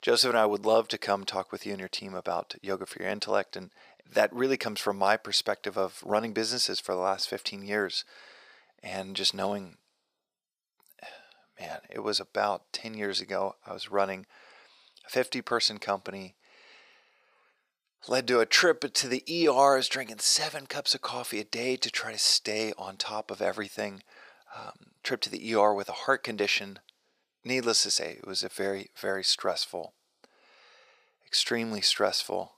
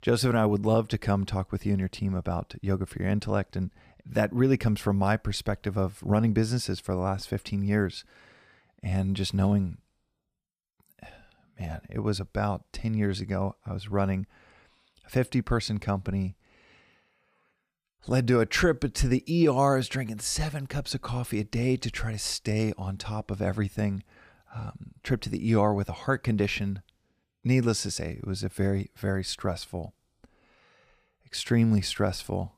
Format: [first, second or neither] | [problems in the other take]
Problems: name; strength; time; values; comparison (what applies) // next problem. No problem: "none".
second | thin; very; fading below 550 Hz